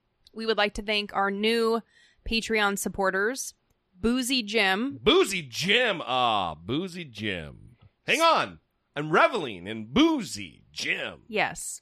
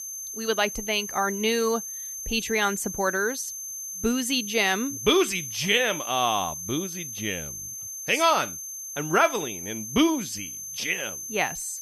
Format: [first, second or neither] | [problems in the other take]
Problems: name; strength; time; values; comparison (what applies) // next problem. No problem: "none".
first | high-pitched whine; loud; throughout; 6.5 kHz, 7 dB below the speech